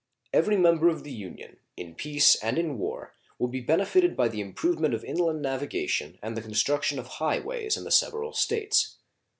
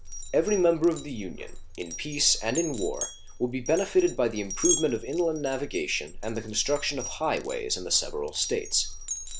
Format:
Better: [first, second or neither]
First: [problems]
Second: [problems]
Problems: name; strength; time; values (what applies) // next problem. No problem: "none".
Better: first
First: none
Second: background sound (Glass); 8 dB below the speech